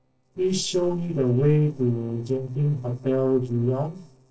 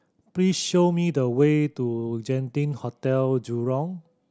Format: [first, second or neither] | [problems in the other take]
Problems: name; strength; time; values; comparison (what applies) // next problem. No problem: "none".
second | noise reduction (neural separator model SepFormer DNS4)